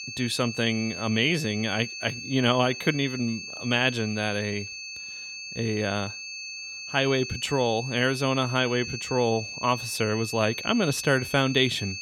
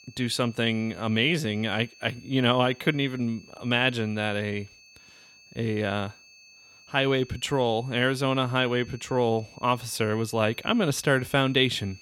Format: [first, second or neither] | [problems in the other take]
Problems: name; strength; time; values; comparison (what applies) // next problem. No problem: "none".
second | high-pitched whine; loud; throughout; 2.5 kHz, 9 dB below the speech; faint in the second